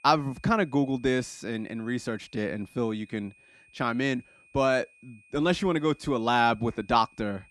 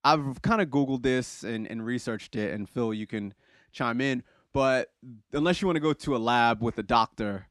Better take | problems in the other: second | high-pitched whine; faint; throughout; 2.5 kHz, 30 dB below the speech

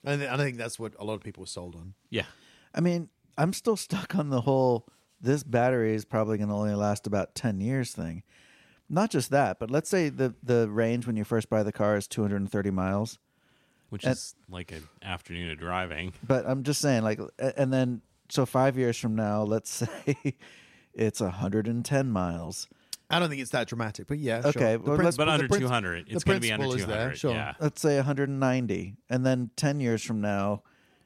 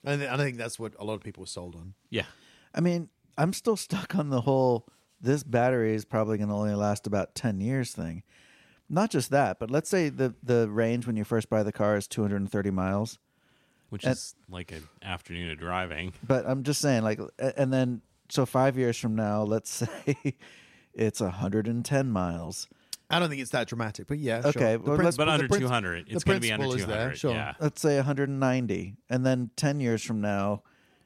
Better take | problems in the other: neither | none

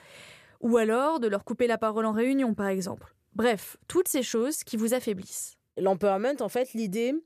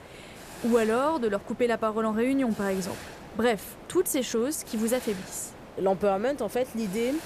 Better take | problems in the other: first | hiss; noticeable; throughout; 15 dB below the speech

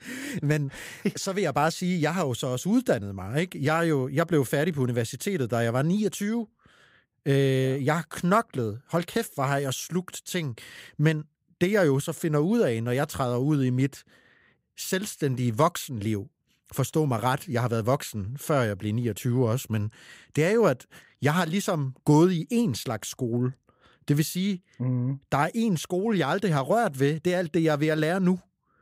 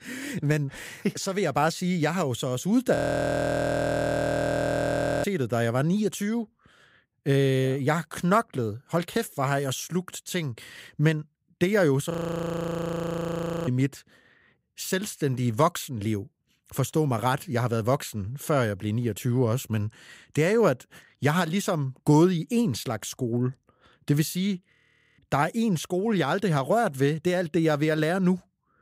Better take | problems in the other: first | audio freezing; at 3 s for 2.5 s, at 12 s for 1.5 s and at 25 s

